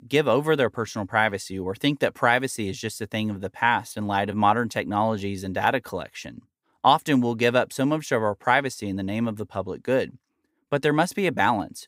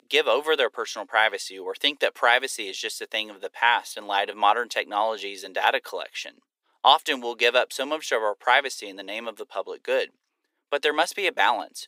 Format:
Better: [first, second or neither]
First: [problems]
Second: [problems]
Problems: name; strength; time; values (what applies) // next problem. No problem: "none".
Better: first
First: none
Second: thin; very; fading below 400 Hz